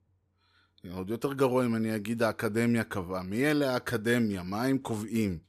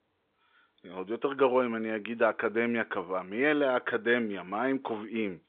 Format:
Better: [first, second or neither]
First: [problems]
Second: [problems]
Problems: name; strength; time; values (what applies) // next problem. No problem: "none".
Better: first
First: none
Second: phone-call audio; nothing above 3.5 kHz